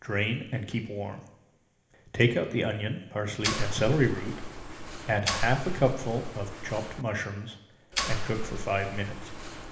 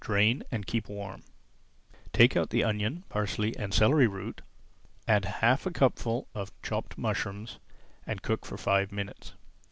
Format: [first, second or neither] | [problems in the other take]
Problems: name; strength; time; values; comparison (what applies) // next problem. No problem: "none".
second | background sound (Mechanisms); 3 dB below the speech // room echo; dies away in 1 s